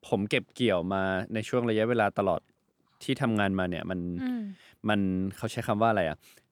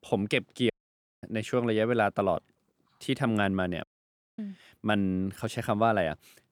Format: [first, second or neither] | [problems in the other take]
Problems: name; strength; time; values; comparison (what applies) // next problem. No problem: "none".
first | audio cutting out; at 0.5 s for 0.5 s and at 4 s for 0.5 s